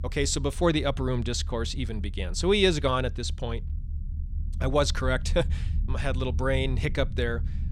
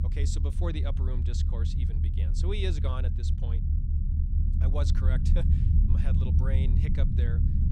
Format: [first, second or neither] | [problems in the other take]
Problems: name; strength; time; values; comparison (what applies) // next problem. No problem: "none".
first | low rumble; loud; throughout; 2 dB below the speech; faint in the first